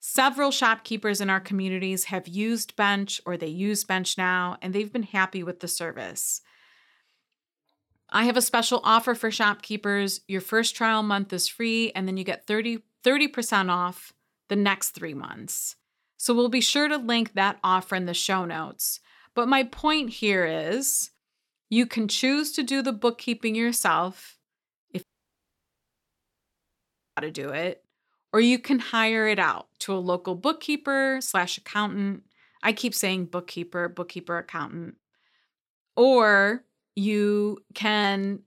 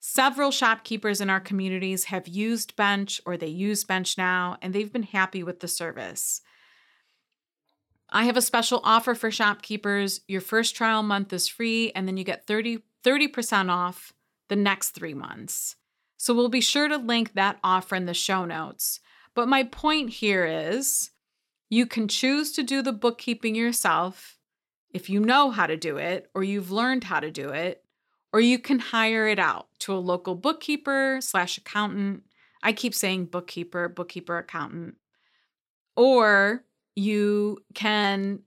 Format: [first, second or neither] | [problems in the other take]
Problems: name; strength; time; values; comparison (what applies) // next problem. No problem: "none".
second | audio cutting out; at 25 s for 2 s